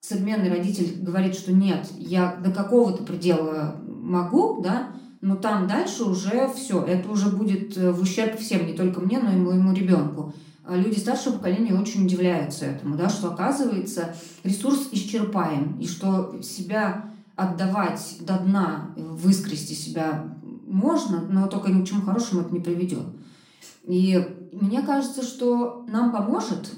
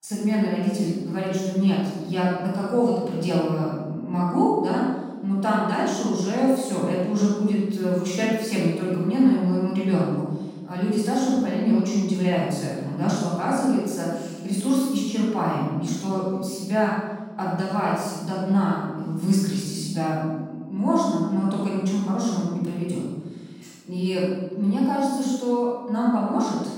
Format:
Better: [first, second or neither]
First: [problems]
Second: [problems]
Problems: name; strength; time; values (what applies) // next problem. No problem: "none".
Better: first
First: room echo; slight; dies away in 0.4 s // off-mic speech; far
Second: room echo; strong; dies away in 1.1 s // off-mic speech; far